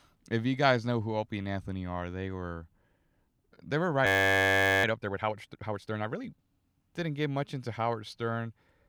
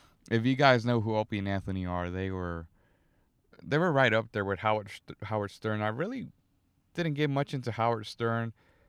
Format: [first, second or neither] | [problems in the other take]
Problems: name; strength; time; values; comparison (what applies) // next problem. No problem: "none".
second | audio freezing; at 4 s for 1 s